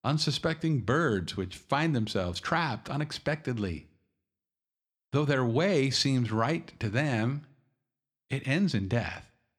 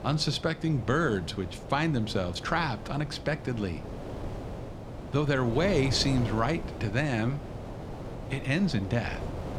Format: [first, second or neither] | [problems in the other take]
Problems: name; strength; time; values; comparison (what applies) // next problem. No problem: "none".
first | wind noise on the microphone; occasional gusts; 10 dB below the speech